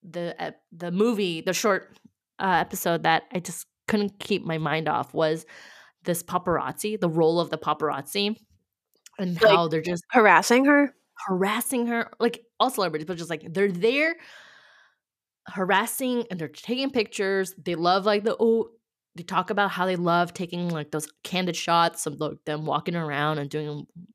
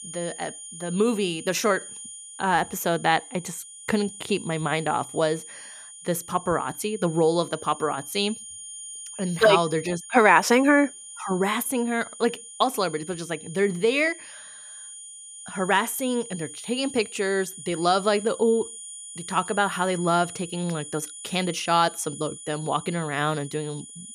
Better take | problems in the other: first | high-pitched whine; noticeable; throughout; 9 kHz, 15 dB below the speech

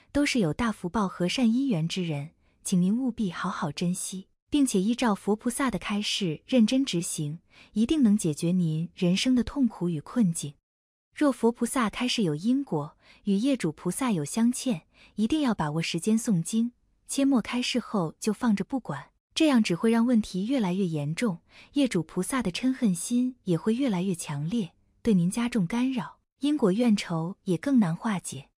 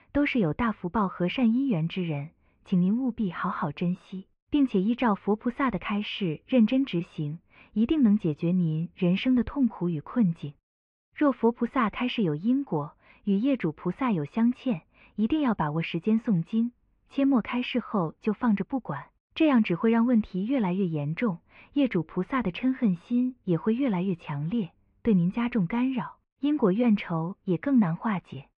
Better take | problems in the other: first | muffled; very; fading above 2.5 kHz

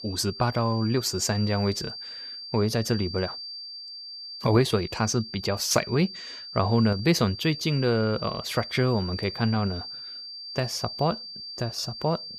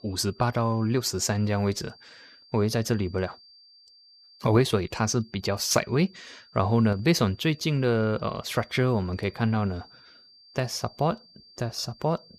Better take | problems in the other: second | high-pitched whine; loud; throughout; 4.5 kHz, 10 dB below the speech; faint in the second

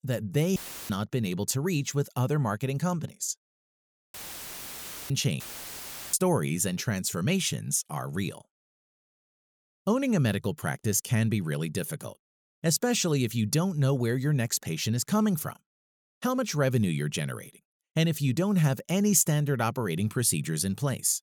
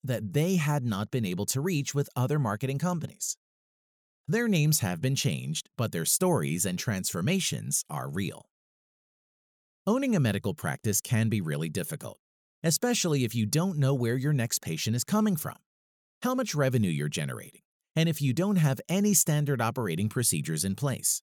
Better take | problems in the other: second | audio cutting out; filled with static; at 0.5 s, at 4 s for 1 s and at 5.5 s for 0.5 s

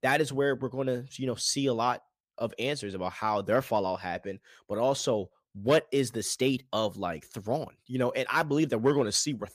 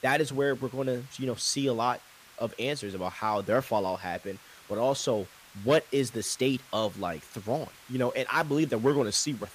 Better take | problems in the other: first | hiss; faint; throughout; 20 dB below the speech

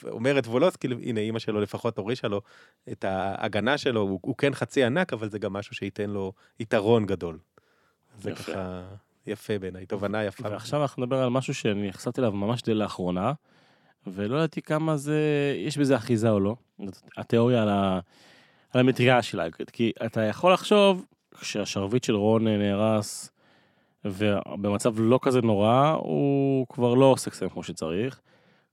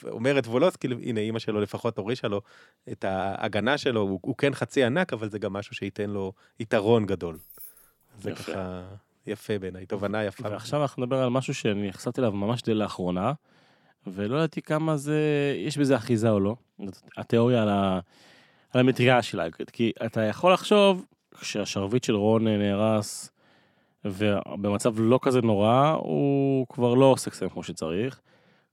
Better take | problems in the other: first | jangling keys; faint; at 7.5 s; peak 20 dB below the speech

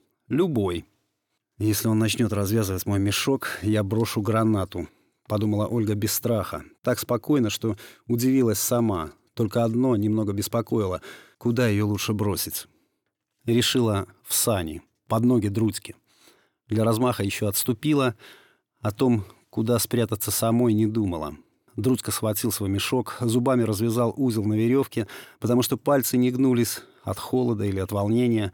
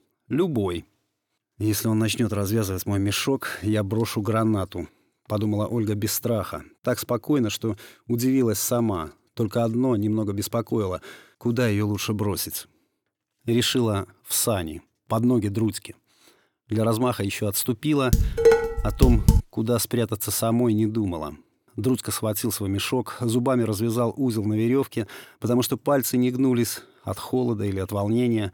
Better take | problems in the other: first | clattering dishes; loud; from 18 to 19 s; peak 6 dB above the speech

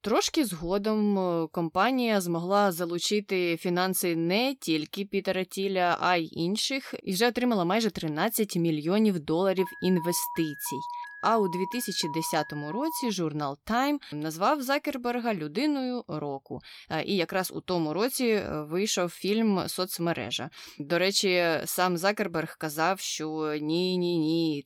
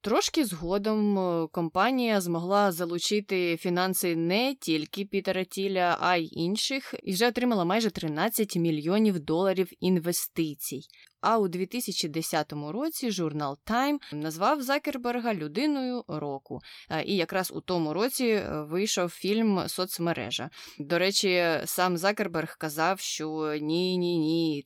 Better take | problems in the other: second | alarm; noticeable; from 9.5 to 13 s; peak 9 dB below the speech

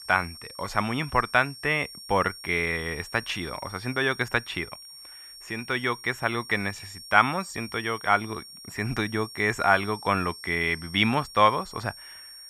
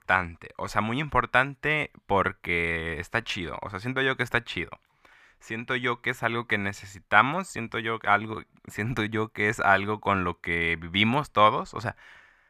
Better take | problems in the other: second | high-pitched whine; noticeable; throughout; 5.5 kHz, 15 dB below the speech

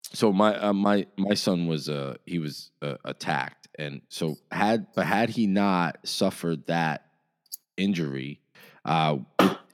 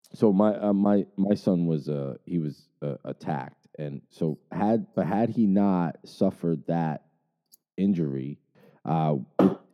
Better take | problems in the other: first | muffled; slightly; fading above 1 kHz

